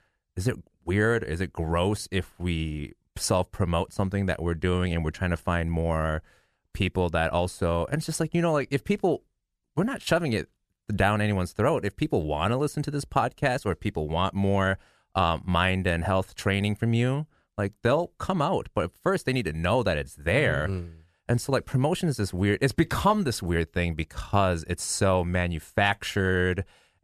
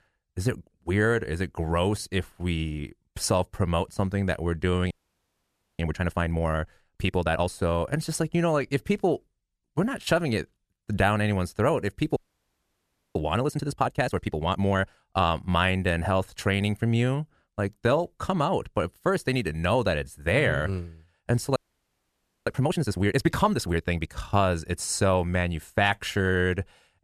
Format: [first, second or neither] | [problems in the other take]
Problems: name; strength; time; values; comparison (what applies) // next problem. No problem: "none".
first | audio freezing; at 5 s for 1 s, at 12 s for 1 s and at 22 s for 1 s